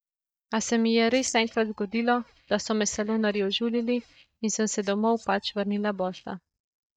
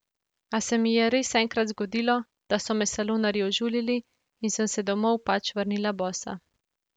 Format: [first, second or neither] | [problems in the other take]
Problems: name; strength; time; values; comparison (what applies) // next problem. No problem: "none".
second | noise reduction (neural mask model DeepFilterNet 3)